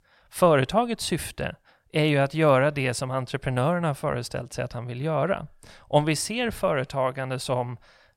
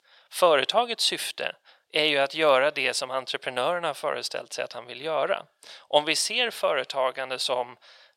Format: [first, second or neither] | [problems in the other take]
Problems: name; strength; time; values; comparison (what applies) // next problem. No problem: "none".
first | thin; very; fading below 500 Hz